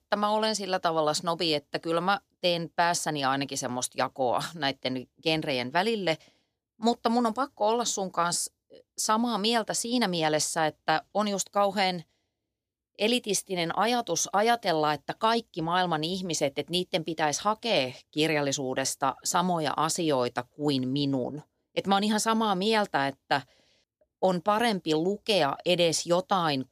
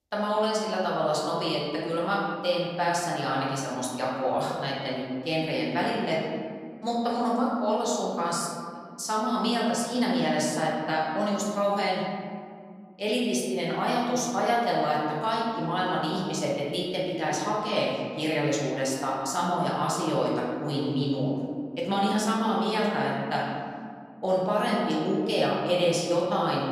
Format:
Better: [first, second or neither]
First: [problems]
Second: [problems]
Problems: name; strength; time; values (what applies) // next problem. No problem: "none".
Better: first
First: none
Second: room echo; noticeable; dies away in 2 s // off-mic speech; far